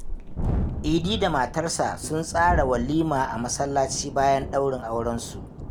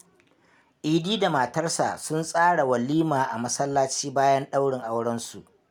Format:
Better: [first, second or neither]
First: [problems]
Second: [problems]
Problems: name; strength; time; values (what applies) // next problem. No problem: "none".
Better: second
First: background sound (Thunderstorm); 6 dB below the speech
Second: none